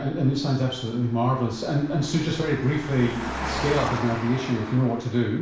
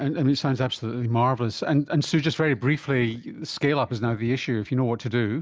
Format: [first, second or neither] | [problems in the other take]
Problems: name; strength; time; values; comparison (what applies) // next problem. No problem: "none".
second | background sound (Engine); 11 dB below the speech // room echo; dies away in 0.7 s